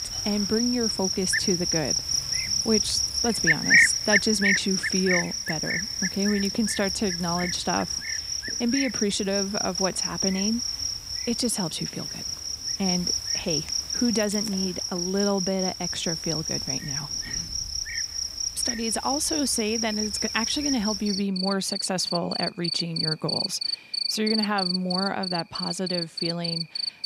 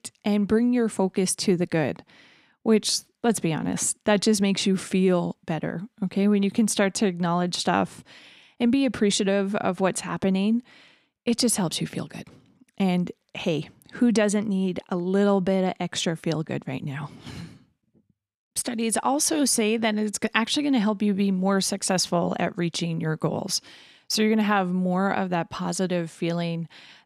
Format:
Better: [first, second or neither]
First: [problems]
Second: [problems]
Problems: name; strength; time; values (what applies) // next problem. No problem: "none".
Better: second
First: animal sounds; very loud; throughout; 2 dB above the speech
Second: none